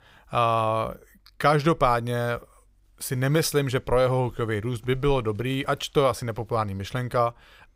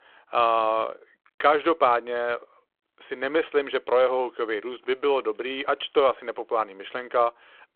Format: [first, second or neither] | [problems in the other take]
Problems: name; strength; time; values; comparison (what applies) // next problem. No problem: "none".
first | phone-call audio